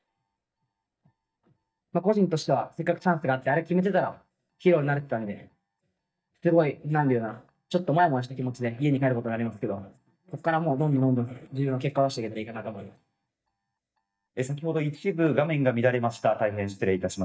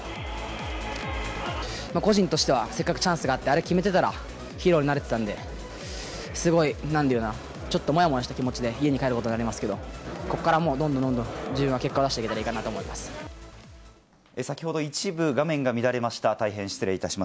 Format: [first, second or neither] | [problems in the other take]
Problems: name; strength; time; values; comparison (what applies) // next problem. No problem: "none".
second | noise reduction (neural mask model DeepFilterNet 3)